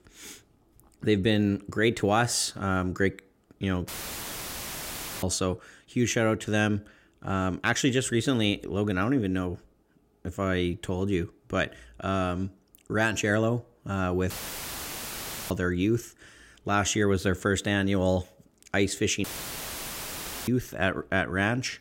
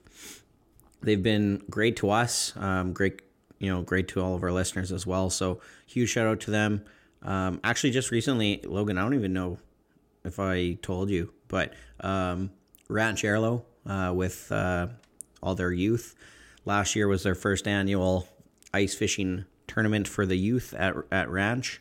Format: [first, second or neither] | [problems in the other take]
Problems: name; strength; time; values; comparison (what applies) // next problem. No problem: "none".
second | audio cutting out; filled with static; at 4 s for 1.5 s, at 14 s for 1 s and at 19 s for 1 s